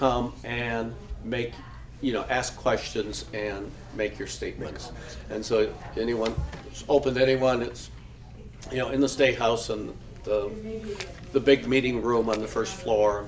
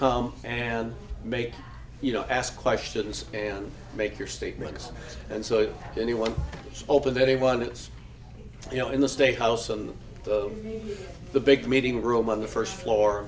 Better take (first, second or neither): second